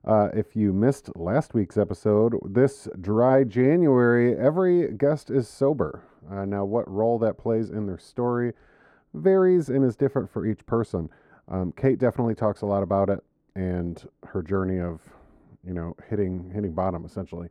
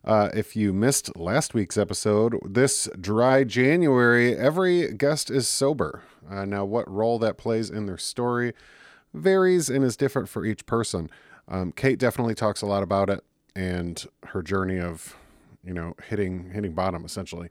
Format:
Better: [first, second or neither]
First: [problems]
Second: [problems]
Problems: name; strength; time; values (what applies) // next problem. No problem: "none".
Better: second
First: muffled; very; fading above 2 kHz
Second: none